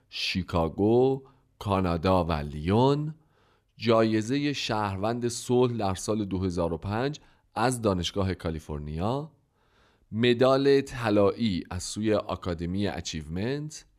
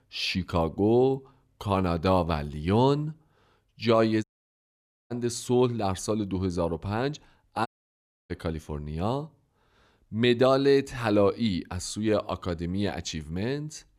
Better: first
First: none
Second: audio cutting out; at 4 s for 1 s and at 7.5 s for 0.5 s

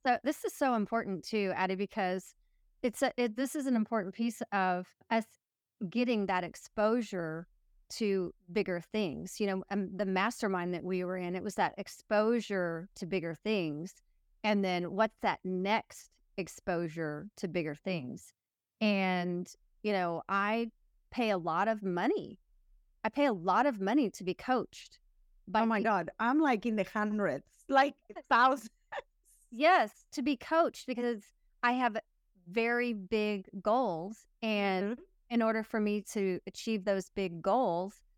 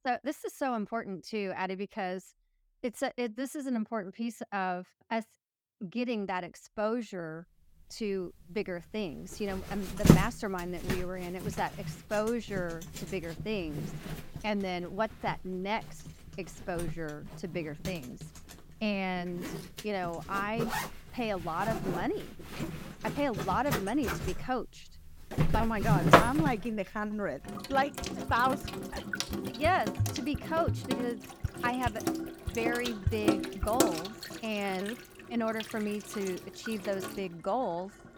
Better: first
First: none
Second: household noises; very loud; from 8 s on; 1 dB above the speech

